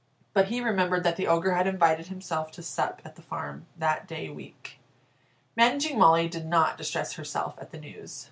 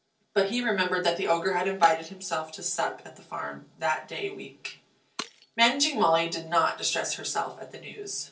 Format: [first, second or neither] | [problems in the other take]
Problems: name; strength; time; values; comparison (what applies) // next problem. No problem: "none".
first | noise reduction (neural separator model SepFormer DNS4)